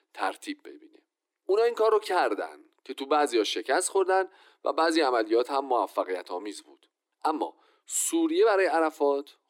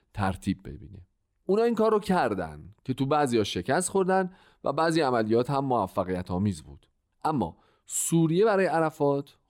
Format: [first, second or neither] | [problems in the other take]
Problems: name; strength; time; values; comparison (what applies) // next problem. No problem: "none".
second | thin; somewhat; fading below 300 Hz